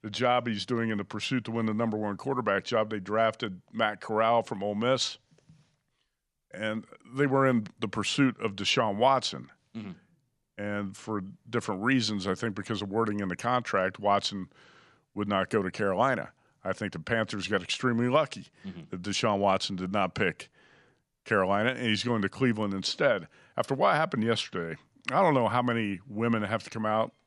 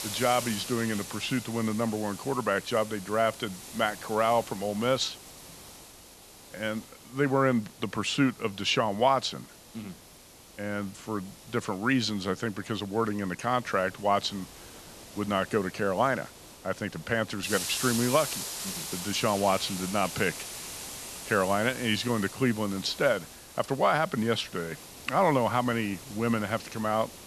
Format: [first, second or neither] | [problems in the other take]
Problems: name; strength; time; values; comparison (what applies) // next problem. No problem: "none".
first | hiss; noticeable; throughout; 10 dB below the speech